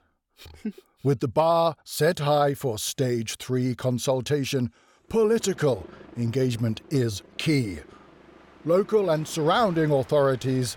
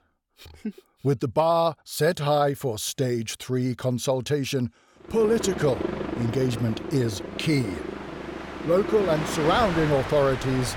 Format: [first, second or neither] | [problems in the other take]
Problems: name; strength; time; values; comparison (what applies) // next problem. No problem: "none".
first | train or aircraft noise; loud; from 5 s on; 7 dB below the speech; faint in the first